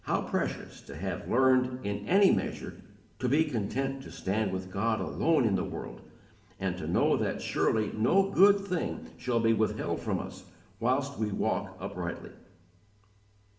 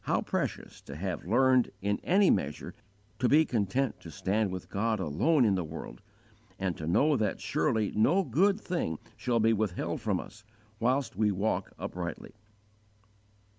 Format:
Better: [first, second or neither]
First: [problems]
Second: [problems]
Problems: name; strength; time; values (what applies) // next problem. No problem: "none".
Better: second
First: room echo; dies away in 0.8 s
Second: none